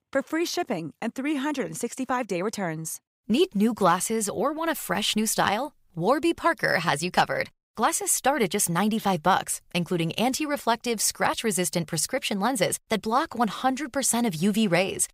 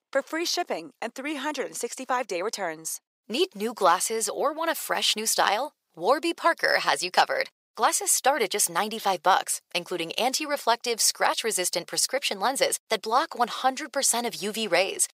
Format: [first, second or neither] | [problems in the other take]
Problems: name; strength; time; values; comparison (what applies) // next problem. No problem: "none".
first | thin; somewhat; fading below 500 Hz